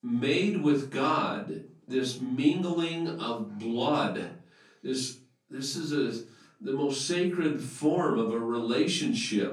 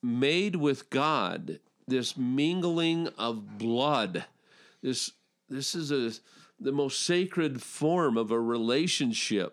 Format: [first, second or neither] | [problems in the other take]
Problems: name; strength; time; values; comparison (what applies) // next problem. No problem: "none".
second | room echo; slight; dies away in 0.3 s // off-mic speech; far